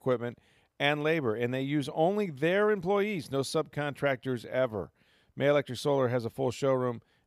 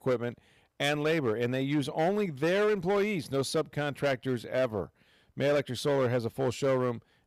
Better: first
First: none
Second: distortion; slight; 8% of the sound clipped

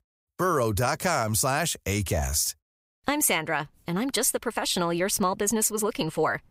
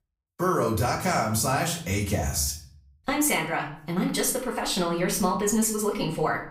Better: first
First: none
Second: off-mic speech; far // room echo; slight; dies away in 0.5 s

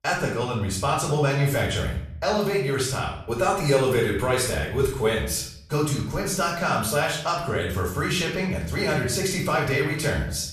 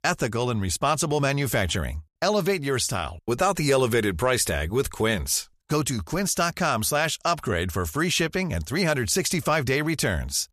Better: second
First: off-mic speech; far // room echo; noticeable; dies away in 0.6 s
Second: none

